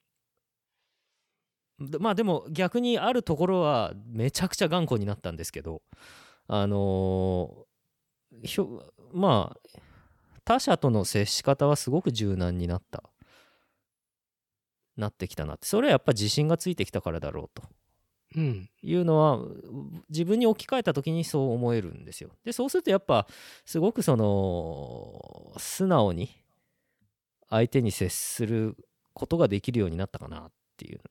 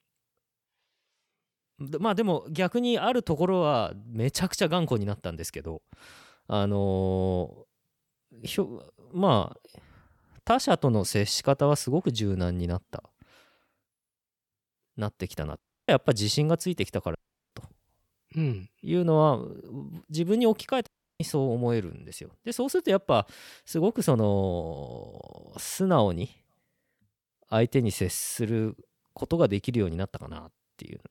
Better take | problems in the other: first | audio cutting out; at 16 s, at 17 s and at 21 s

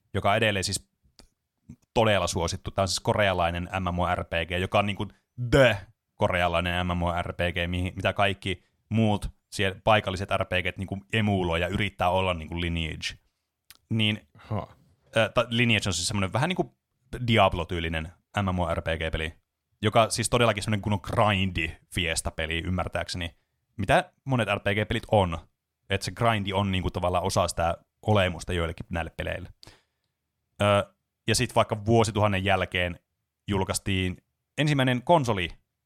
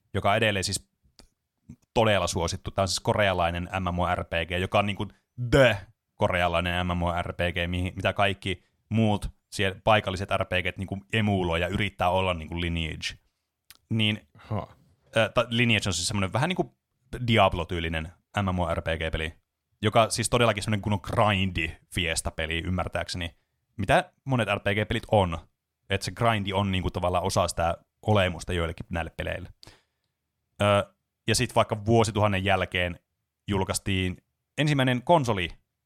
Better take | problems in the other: neither | none

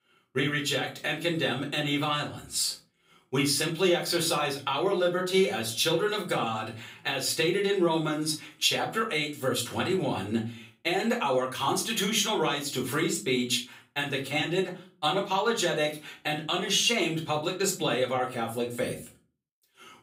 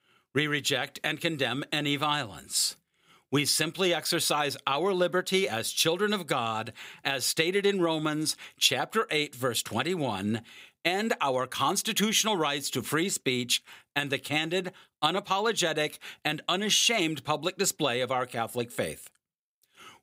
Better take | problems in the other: second | off-mic speech; far // room echo; very slight; dies away in 0.3 s

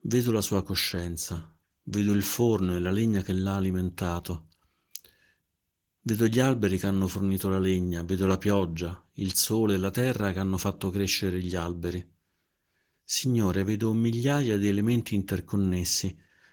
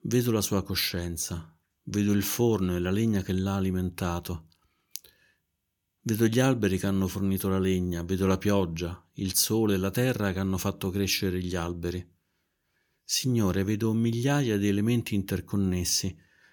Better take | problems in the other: second | garbled, watery; slightly; nothing above 18 kHz

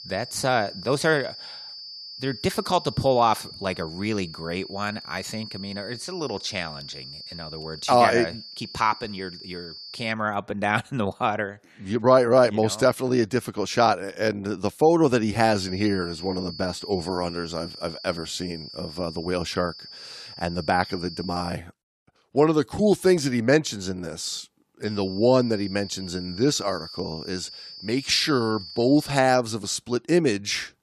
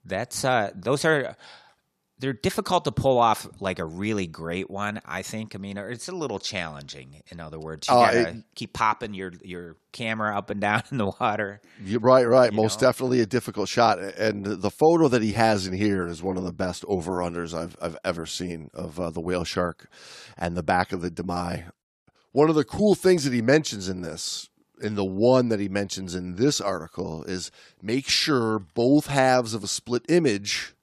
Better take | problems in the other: second | high-pitched whine; noticeable; until 10 s, from 16 to 22 s and from 25 to 29 s; 4.5 kHz, 15 dB below the speech

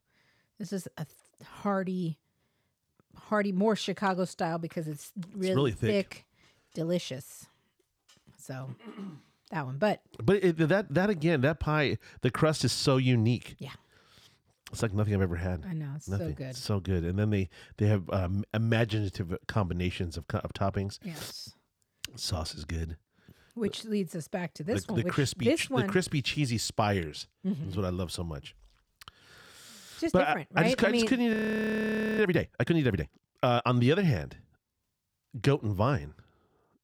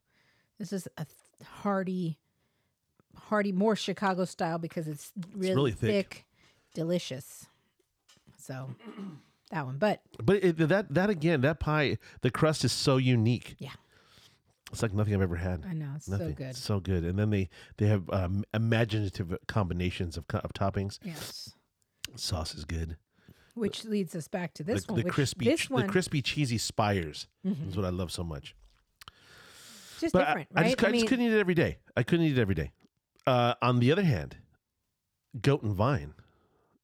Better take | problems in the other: second | audio freezing; at 31 s for 1 s

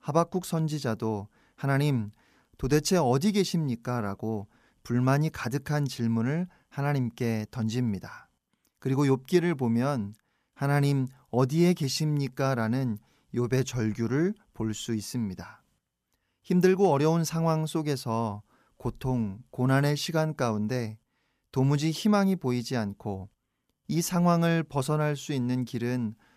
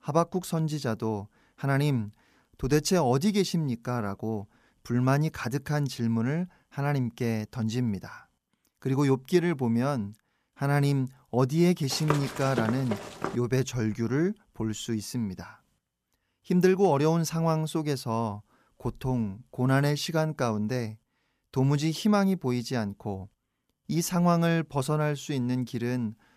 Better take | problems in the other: first | footsteps; noticeable; from 12 to 13 s; peak 4 dB below the speech

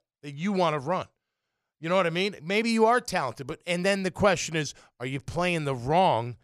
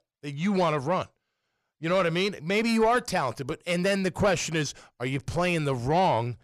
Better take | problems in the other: first | distortion; slight; 10 dB below the speech

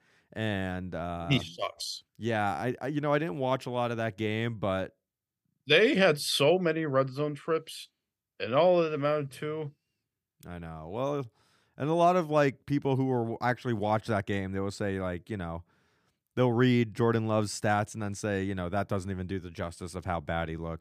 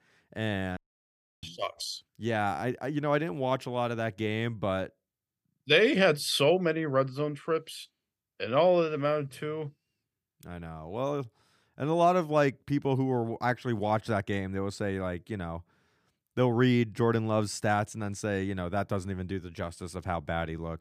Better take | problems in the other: first | audio cutting out; at 1 s for 0.5 s

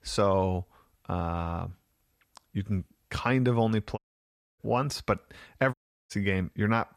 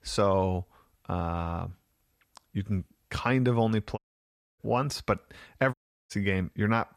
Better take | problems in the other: neither | audio cutting out; at 4 s for 0.5 s and at 5.5 s; the same in both

